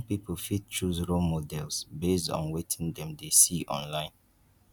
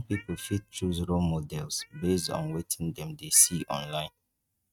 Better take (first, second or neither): first